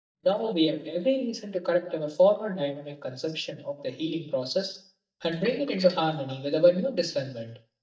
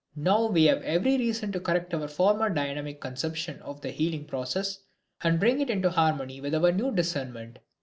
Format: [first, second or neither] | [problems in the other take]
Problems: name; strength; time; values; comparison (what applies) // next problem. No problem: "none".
second | noise reduction (neural mask model DeepFilterNet 3)